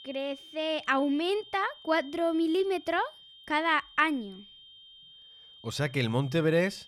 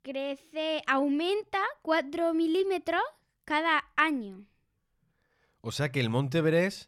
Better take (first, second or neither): second